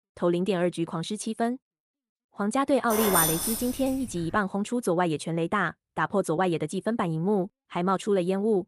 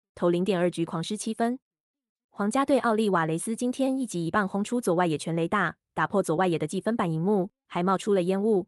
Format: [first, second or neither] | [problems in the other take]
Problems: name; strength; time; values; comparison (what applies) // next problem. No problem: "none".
second | jangling keys; loud; from 3 to 4.5 s; peak 4 dB above the speech